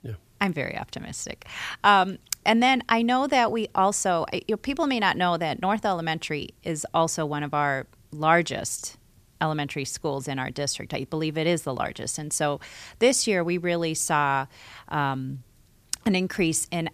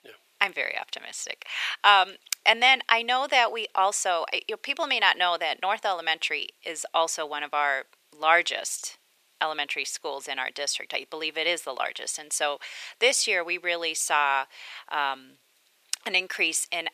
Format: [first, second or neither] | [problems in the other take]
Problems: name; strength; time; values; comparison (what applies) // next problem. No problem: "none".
first | thin; very; fading below 500 Hz